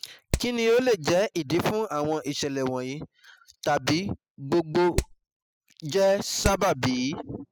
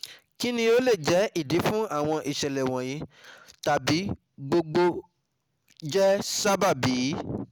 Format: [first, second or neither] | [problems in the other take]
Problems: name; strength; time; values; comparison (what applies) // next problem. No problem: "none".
second | noise reduction (classical method spectral subtraction)